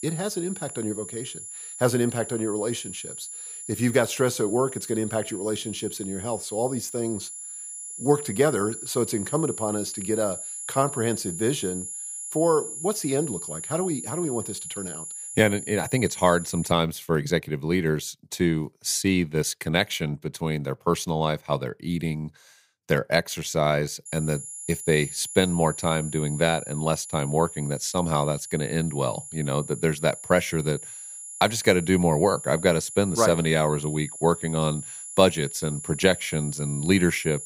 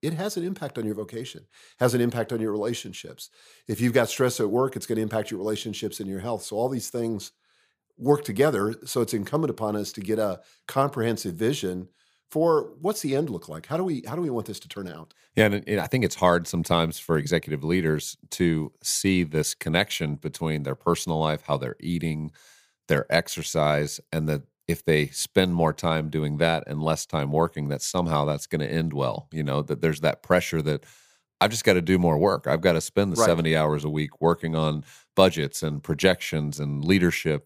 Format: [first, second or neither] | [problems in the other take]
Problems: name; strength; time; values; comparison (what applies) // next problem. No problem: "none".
second | high-pitched whine; loud; until 17 s and from 24 s on; 10.5 kHz, 9 dB below the speech